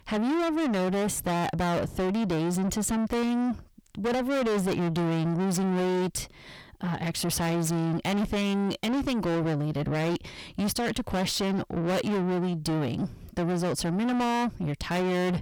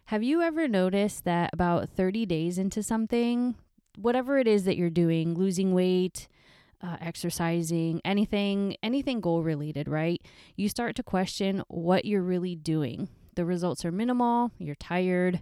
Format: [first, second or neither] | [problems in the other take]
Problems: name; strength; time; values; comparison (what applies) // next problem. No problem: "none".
second | distortion; heavy; 5 dB below the speech